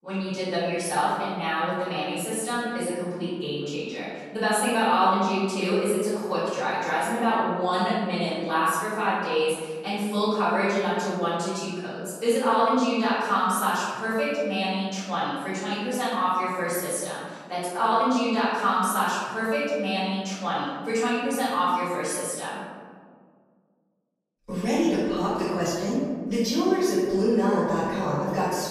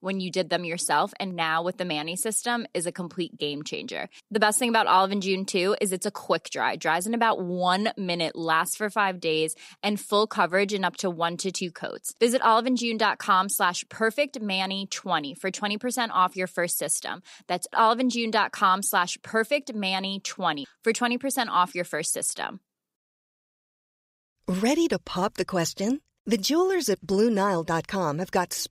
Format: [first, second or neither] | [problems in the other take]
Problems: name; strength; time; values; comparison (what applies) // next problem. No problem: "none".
second | off-mic speech; far // room echo; strong; dies away in 1.6 s